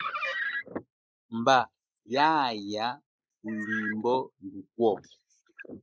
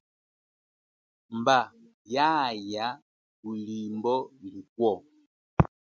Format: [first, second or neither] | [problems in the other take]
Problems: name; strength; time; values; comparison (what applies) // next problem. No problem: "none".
second | noise reduction (neural mask model Resemble Enhance denoiser)